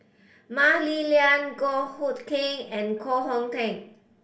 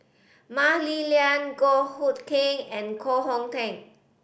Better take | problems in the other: second | room echo; dies away in 0.2 s

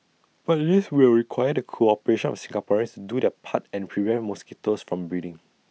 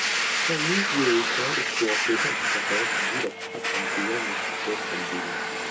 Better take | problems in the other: first | background sound (Domestic sounds, home sounds); 5 dB above the speech // room echo; dies away in 0.2 s

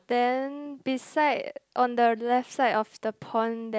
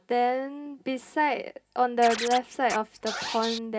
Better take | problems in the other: first | background sound (Scratching (performance technique)); 11 dB below the speech // room echo; dies away in 0.3 s

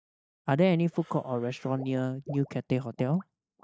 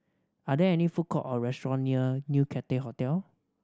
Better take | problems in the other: second | noise reduction (neural mask model DeepFilterNet 3)

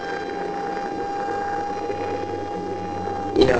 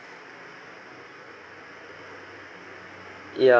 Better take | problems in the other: second | noise reduction (neural separator model SepFormer DNS4)

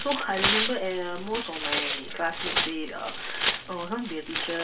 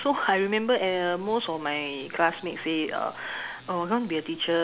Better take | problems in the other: second | background sound (Tearing); as loud as the speech // room echo; dies away in 0.2 s

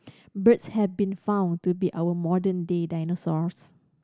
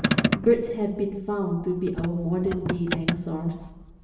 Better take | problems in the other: first | background sound (Motor vehicle (road)); 4 dB below the speech // room echo; dies away in 1 s

